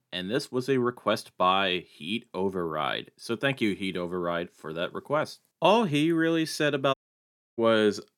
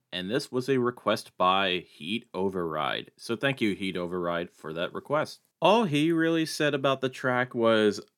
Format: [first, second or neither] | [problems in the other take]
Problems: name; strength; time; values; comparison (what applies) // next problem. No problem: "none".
second | audio cutting out; at 7 s for 0.5 s